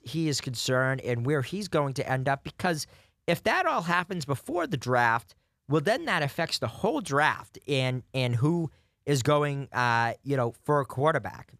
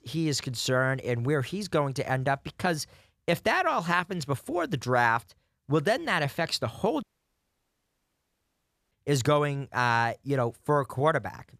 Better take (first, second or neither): first